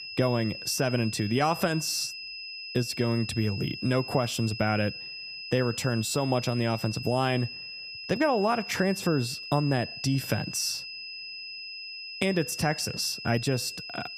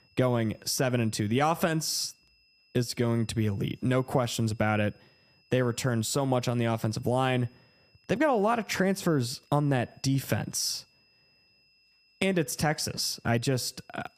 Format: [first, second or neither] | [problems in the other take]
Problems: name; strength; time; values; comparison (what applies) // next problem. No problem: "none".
second | high-pitched whine; loud; throughout; 5 kHz, 9 dB below the speech; faint in the second